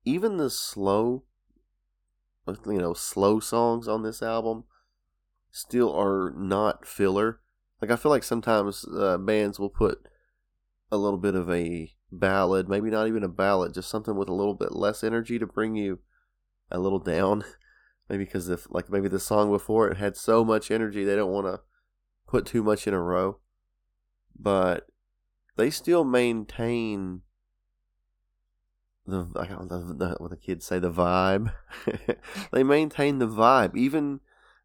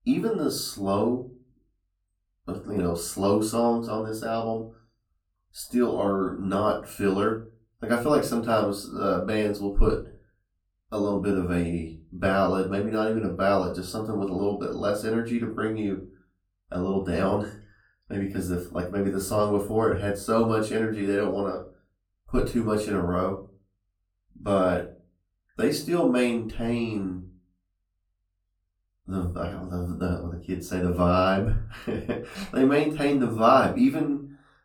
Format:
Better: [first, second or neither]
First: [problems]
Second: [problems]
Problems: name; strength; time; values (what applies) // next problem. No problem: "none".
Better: first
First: none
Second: off-mic speech; far // room echo; very slight; dies away in 0.3 s